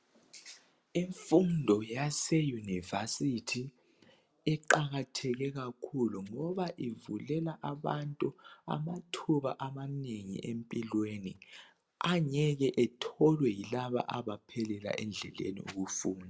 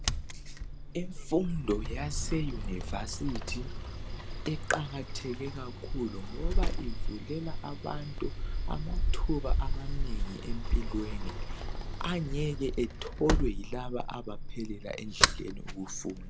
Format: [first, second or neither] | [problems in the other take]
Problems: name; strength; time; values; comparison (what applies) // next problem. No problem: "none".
first | background sound (Sliding door); 4 dB above the speech